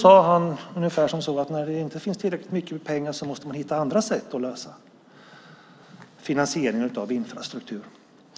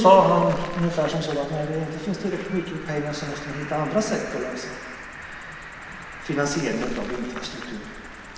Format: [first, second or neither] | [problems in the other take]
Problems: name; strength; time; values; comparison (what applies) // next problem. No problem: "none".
first | background sound (Cricket); 13 dB below the speech // room echo; dies away in 1.4 s